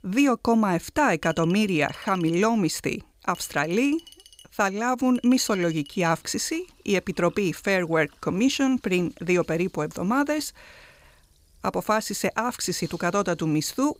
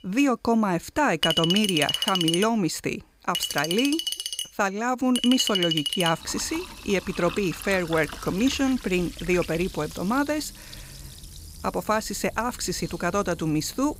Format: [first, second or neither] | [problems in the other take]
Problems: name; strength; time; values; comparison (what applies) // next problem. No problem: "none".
first | household noises; loud; throughout; 3 dB below the speech; faint in the first